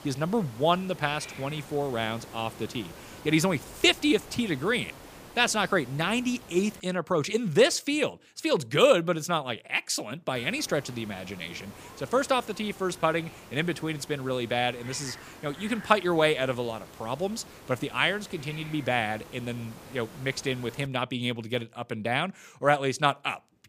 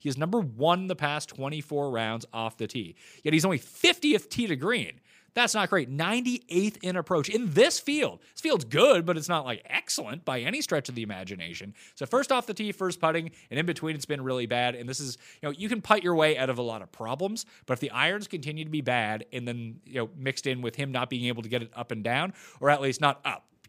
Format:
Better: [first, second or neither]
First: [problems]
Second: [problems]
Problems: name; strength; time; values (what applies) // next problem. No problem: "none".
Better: second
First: hiss; noticeable; until 7 s and from 10 to 21 s; 20 dB below the speech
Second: none